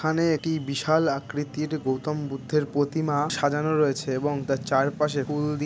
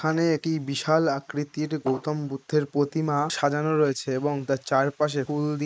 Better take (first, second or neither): first